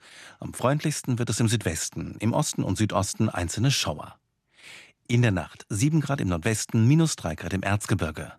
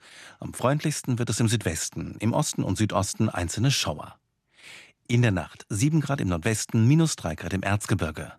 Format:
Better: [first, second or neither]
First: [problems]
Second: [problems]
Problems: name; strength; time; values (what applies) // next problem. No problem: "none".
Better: neither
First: none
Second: none